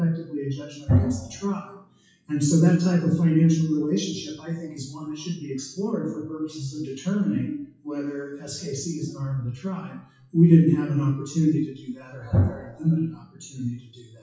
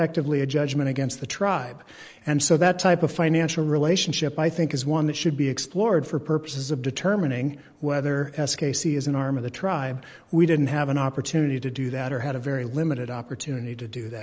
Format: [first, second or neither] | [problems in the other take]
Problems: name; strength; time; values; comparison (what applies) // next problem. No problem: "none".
second | noise reduction (classical method WPE with log-MMSE)